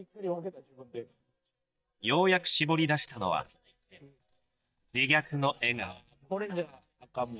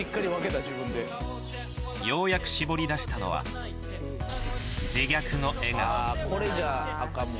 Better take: second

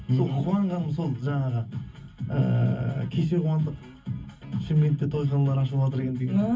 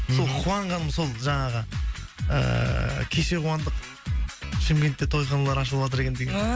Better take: second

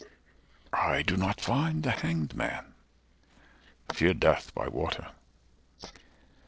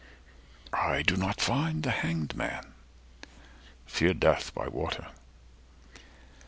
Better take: second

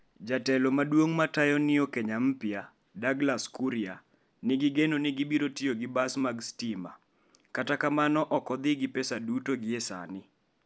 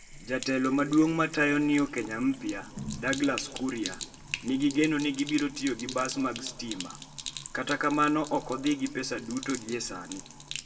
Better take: first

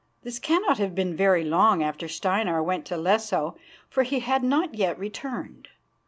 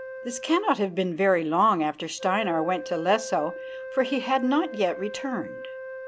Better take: first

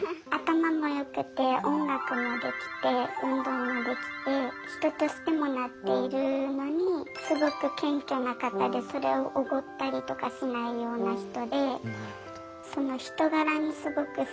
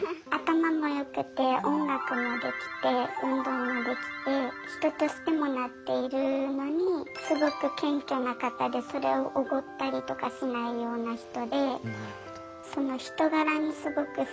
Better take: second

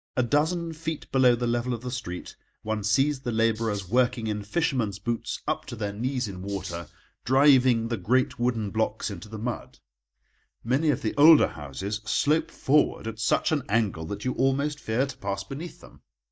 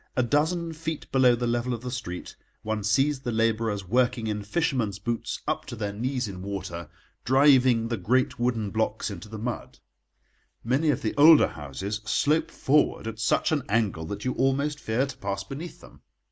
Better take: second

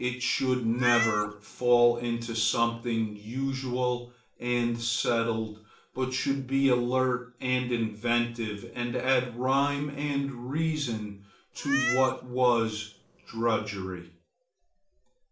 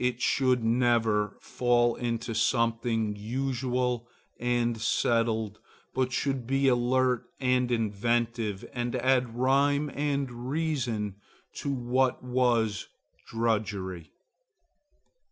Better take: second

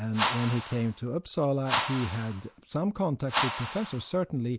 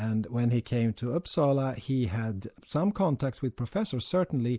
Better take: second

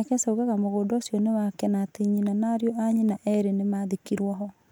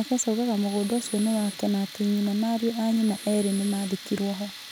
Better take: first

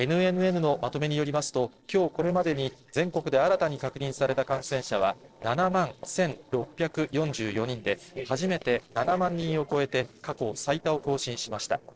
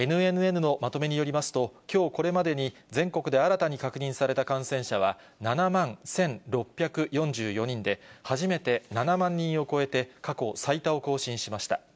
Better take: second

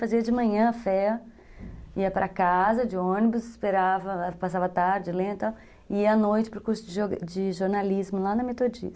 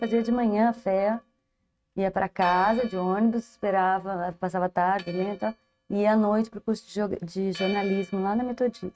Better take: first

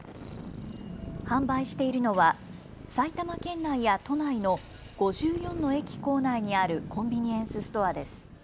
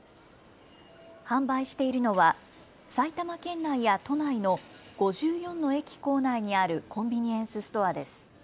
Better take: second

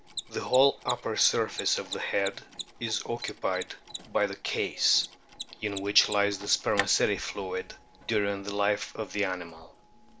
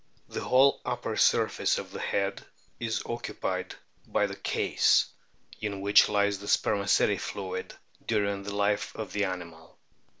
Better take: second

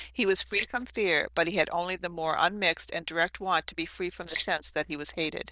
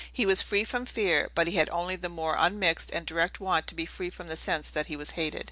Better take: second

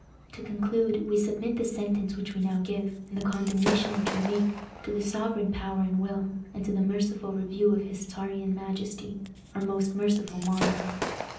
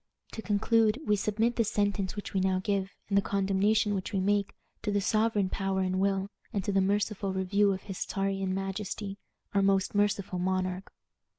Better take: second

